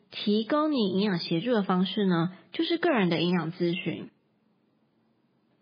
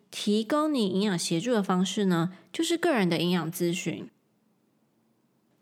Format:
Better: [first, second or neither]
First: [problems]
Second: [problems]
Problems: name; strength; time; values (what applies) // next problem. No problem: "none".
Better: second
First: garbled, watery; badly; nothing above 4.5 kHz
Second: none